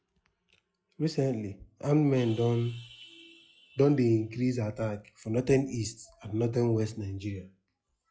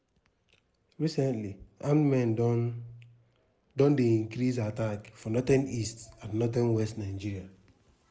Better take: second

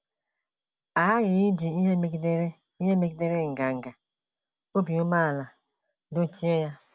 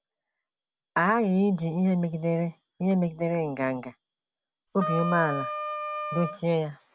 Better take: first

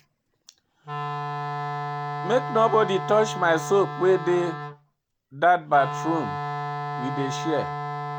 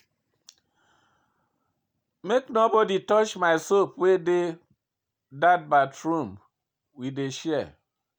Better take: second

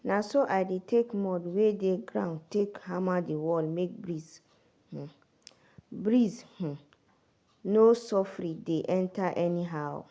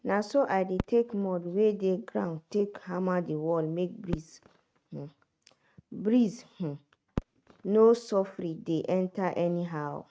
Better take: first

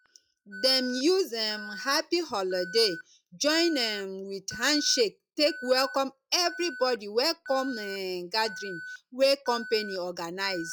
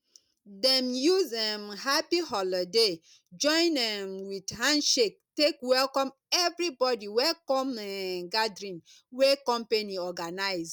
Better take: second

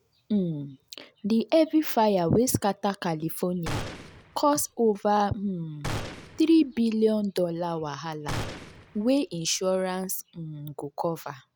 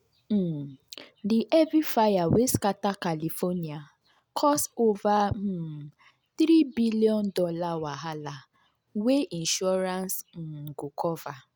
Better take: second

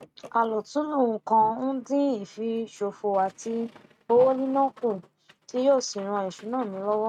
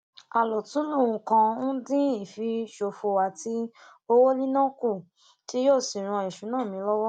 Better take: second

